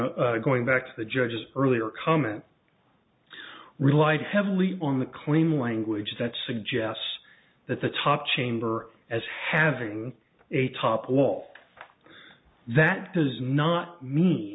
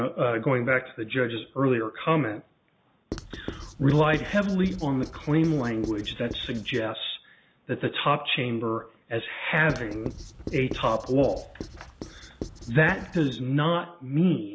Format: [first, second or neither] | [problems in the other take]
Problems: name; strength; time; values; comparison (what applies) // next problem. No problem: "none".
first | background sound (Writing); 12 dB below the speech